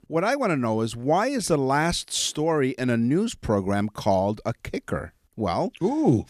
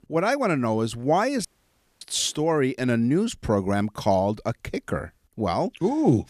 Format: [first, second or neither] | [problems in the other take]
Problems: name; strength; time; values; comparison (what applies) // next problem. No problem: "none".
first | audio cutting out; at 1.5 s for 0.5 s